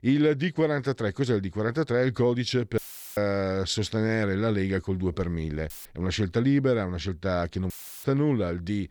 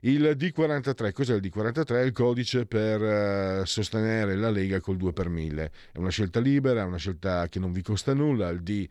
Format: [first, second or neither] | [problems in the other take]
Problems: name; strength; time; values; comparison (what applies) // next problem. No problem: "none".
second | audio cutting out; filled with static; at 3 s, at 5.5 s and at 7.5 s